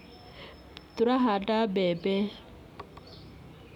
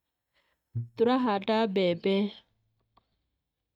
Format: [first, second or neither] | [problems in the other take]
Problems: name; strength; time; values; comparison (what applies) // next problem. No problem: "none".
first | noise reduction (neural mask model DeepFilterNet 3)